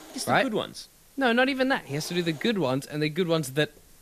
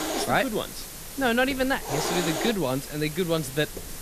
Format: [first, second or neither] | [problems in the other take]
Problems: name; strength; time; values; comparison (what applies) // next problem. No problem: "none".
first | hiss; loud; throughout; 6 dB below the speech; faint in the first